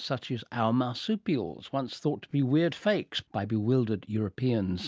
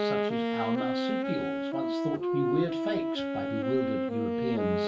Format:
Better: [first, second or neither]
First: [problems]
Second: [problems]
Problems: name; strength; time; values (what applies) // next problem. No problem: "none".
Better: first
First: none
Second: background sound (Wind instrument, woodwind instrument); 4 dB above the speech // room echo; dies away in 0.2 s